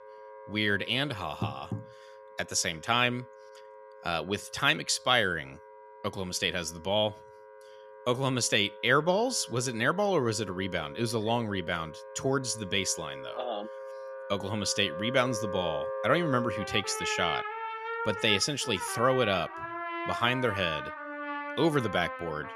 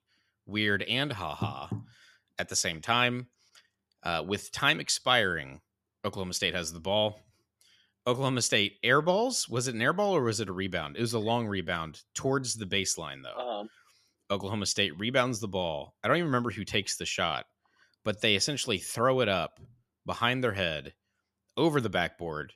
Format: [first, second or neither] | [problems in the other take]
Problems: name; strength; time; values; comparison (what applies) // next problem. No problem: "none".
second | background music; loud; throughout; 9 dB below the speech